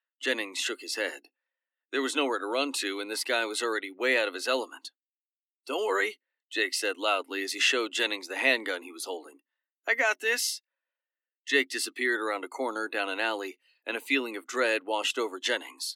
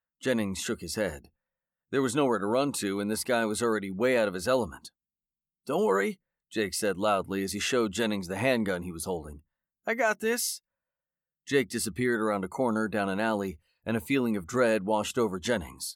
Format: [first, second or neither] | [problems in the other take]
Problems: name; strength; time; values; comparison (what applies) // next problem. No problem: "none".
second | thin; somewhat; fading below 250 Hz